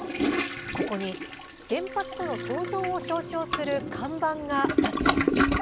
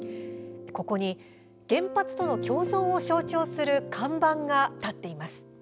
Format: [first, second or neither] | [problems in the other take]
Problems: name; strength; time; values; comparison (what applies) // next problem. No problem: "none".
second | background sound (Toilet flush); 2 dB above the speech